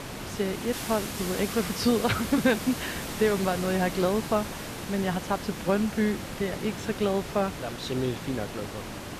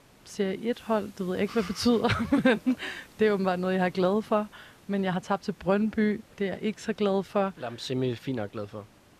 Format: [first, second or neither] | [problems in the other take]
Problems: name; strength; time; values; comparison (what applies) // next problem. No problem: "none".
second | hiss; loud; throughout; 7 dB below the speech; faint in the second